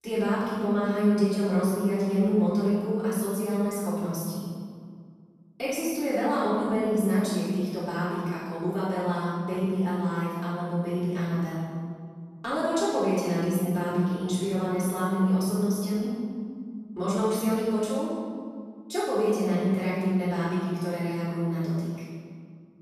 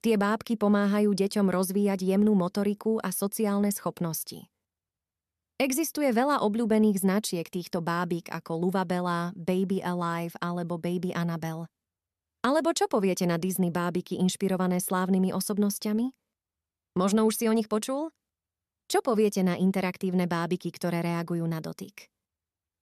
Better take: second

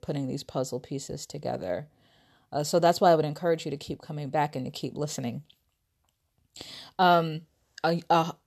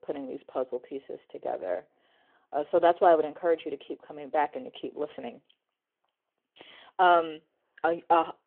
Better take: first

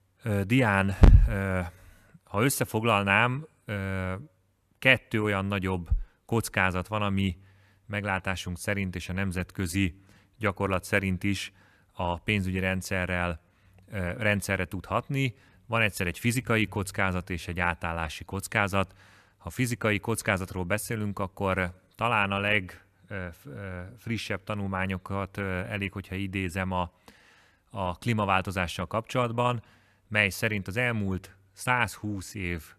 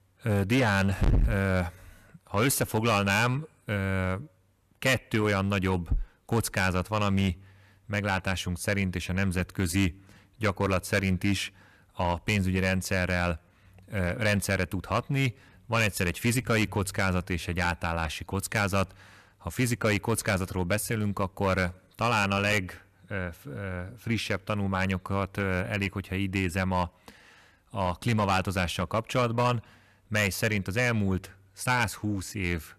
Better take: first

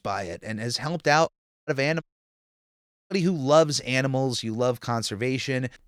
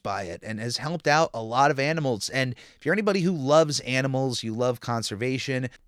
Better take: second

